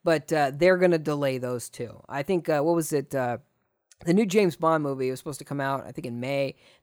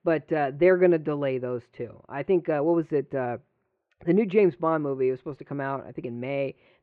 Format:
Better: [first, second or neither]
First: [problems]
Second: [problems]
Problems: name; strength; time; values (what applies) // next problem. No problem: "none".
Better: first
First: none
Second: muffled; very; fading above 2.5 kHz